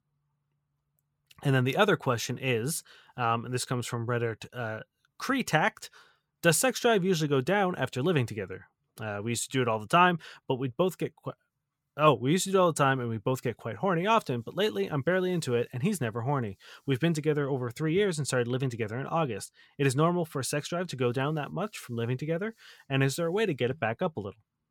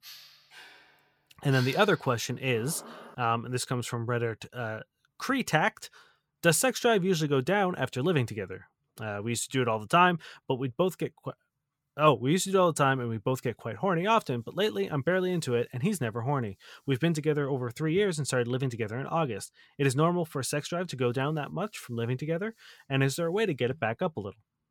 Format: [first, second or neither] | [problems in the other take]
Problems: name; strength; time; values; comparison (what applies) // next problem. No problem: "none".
first | dog barking; faint; until 3 s; peak 10 dB below the speech